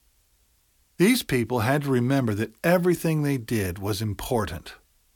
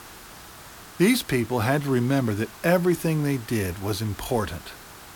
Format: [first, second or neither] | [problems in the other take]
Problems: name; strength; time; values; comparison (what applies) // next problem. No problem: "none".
first | hiss; noticeable; throughout; 20 dB below the speech